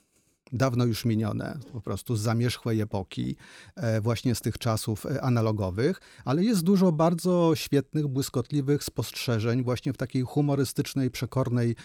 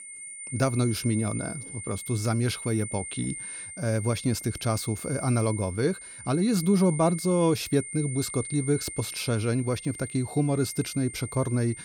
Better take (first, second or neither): first